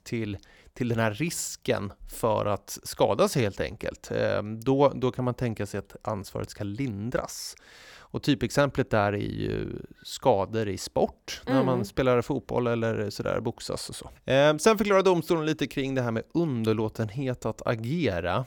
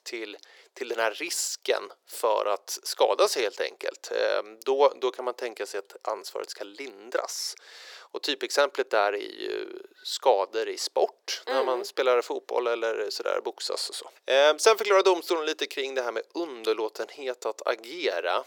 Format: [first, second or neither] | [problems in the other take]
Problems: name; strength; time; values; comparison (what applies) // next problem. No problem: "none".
first | thin; very; fading below 400 Hz